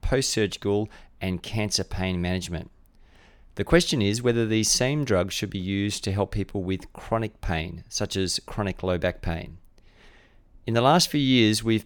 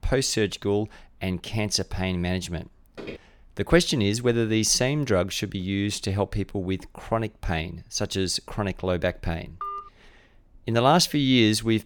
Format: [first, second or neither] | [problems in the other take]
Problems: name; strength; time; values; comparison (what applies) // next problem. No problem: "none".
first | footsteps; faint; at 3 s; peak 15 dB below the speech // phone ringing; noticeable; at 9.5 s; peak 10 dB below the speech